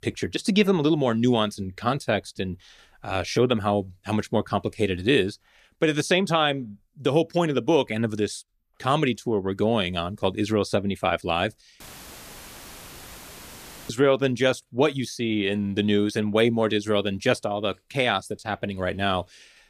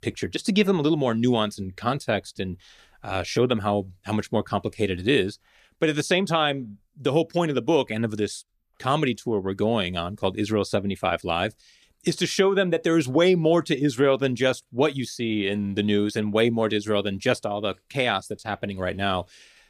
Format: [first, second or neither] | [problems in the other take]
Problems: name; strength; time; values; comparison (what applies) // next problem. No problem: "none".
second | audio cutting out; filled with static; at 12 s for 2 s